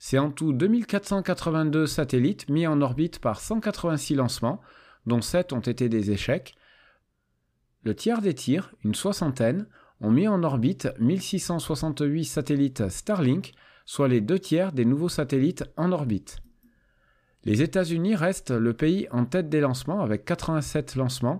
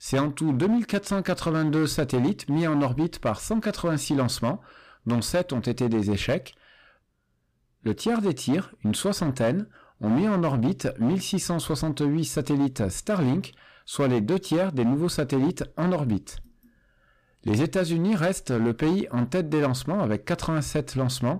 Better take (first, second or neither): first